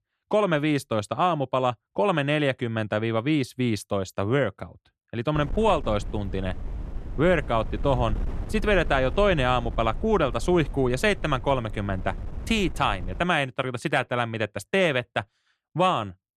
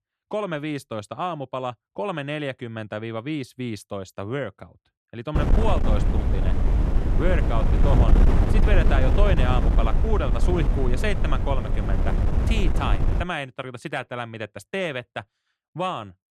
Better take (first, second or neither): first